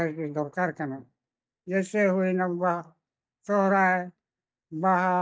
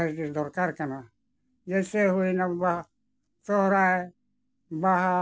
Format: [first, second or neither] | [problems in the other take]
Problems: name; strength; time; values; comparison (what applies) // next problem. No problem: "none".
second | noise reduction (neural mask model DeepFilterNet 3)